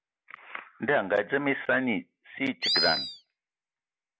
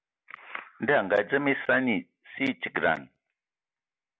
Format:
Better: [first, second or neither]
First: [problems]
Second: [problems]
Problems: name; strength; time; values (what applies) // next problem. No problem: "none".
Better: second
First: background sound (Animal); 2 dB above the speech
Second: none